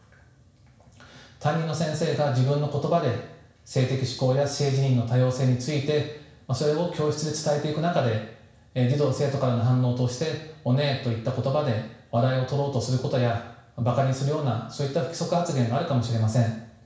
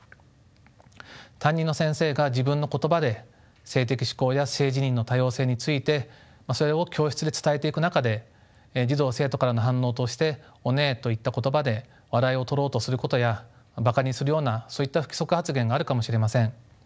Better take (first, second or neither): second